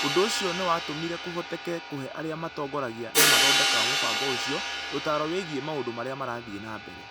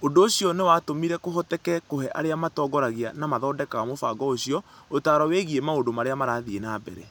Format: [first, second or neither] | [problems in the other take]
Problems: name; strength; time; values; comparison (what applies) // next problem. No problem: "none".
second | background sound (Hi-hat); 3 dB above the speech